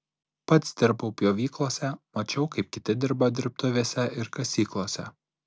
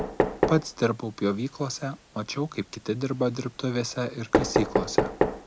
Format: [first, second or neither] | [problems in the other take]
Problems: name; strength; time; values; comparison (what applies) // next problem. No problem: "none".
first | background sound (Knock); as loud as the speech